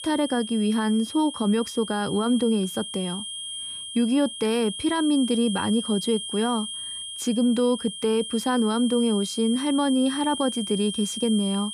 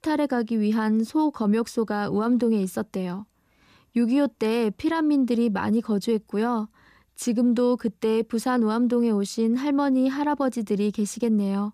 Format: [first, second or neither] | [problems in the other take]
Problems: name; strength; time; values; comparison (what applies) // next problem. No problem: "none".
second | high-pitched whine; loud; throughout; 3 kHz, 8 dB below the speech